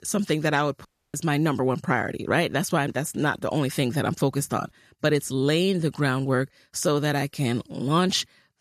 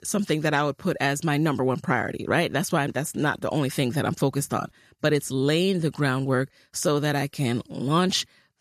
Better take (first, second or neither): second